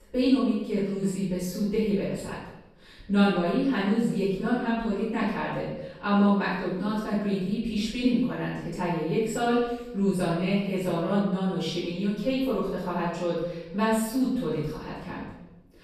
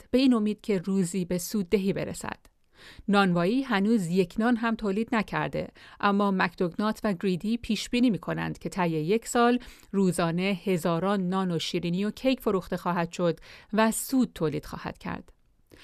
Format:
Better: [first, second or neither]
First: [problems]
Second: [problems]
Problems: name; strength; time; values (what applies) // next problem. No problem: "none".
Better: second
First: off-mic speech; far // room echo; strong; dies away in 0.9 s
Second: none